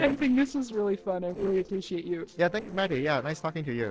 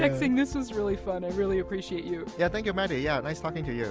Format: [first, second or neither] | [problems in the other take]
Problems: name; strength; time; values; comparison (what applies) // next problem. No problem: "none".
second | noise reduction (neural separator model SepFormer DNS4)